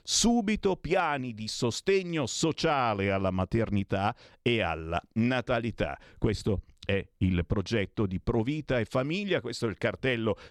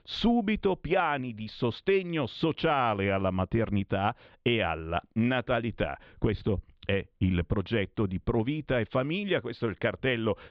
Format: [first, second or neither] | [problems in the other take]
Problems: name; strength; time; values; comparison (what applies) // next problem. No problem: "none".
first | muffled; very; fading above 3.5 kHz